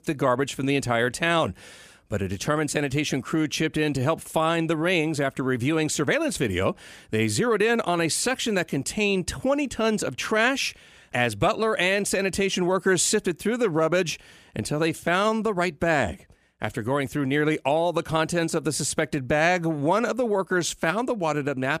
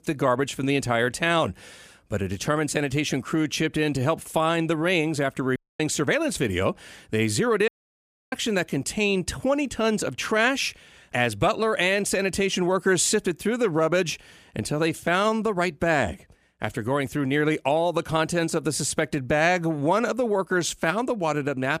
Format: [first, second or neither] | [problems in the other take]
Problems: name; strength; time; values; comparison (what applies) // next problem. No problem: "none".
first | audio cutting out; at 5.5 s and at 7.5 s for 0.5 s